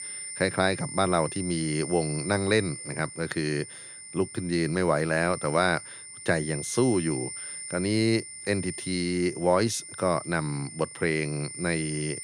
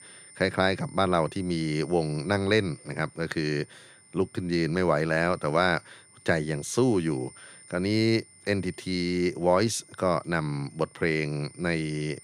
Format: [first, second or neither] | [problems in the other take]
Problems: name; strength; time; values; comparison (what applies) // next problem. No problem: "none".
second | high-pitched whine; loud; throughout; 9 kHz, 9 dB below the speech; faint in the second